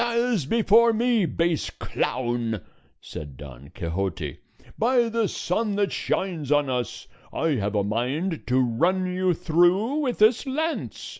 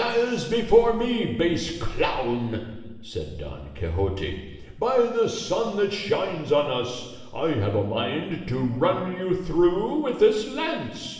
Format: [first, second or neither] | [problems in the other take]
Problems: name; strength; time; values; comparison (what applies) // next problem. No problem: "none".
first | room echo; dies away in 1.1 s